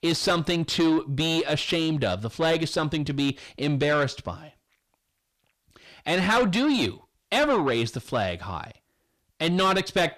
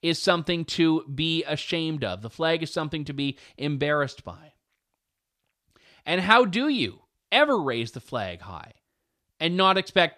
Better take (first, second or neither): second